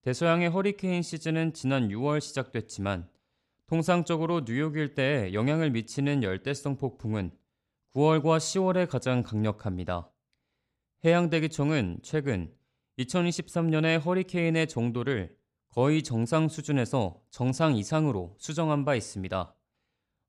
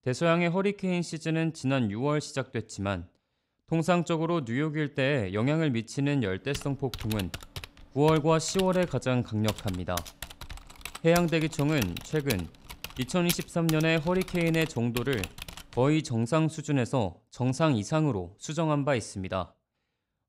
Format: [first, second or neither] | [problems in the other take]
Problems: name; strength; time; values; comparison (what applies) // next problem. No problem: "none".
first | keyboard typing; noticeable; from 6.5 to 16 s; peak 5 dB below the speech